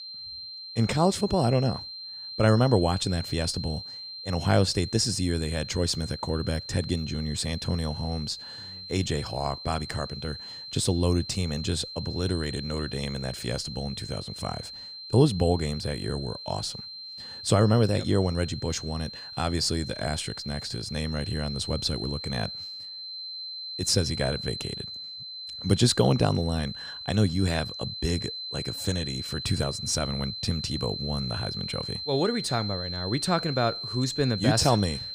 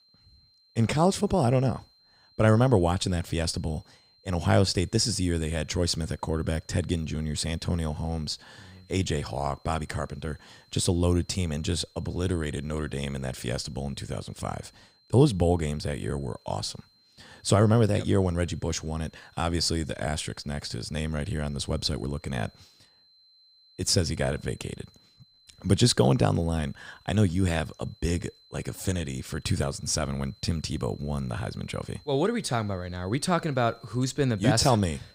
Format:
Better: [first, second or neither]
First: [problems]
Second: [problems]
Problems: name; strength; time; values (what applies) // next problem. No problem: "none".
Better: second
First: high-pitched whine; loud; throughout; 4 kHz, 8 dB below the speech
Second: high-pitched whine; faint; throughout; 4 kHz, 30 dB below the speech